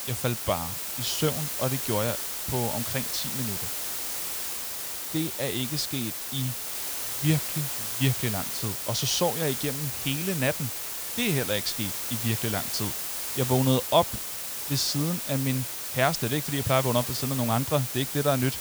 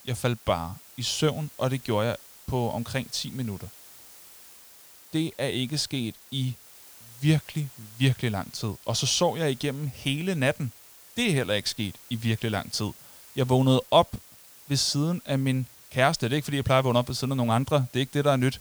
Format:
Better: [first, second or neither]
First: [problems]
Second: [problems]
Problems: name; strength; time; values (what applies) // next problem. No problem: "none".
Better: second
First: hiss; loud; throughout; 1 dB below the speech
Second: hiss; faint; throughout; 20 dB below the speech